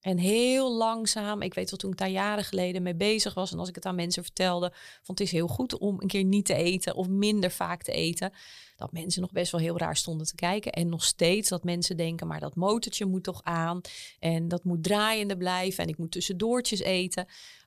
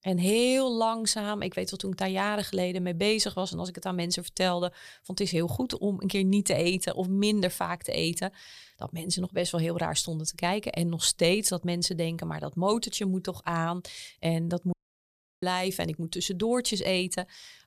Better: first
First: none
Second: audio cutting out; at 15 s for 0.5 s

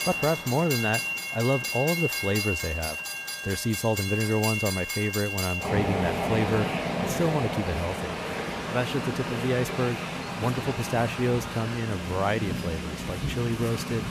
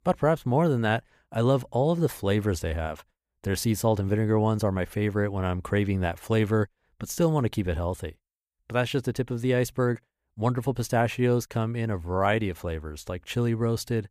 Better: second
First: train or aircraft noise; loud; throughout; 1 dB below the speech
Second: none

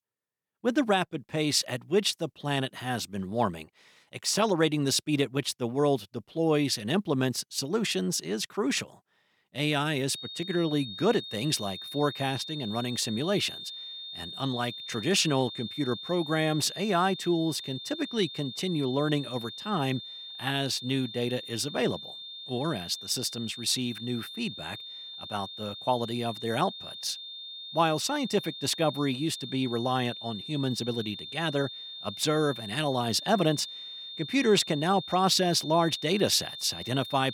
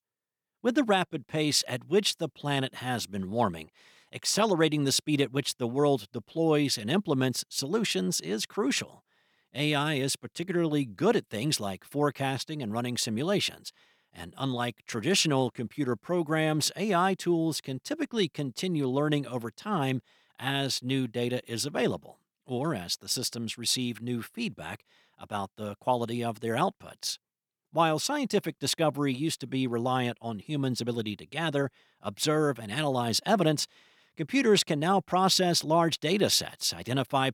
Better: second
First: high-pitched whine; loud; from 10 s on; 3.5 kHz, 10 dB below the speech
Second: none

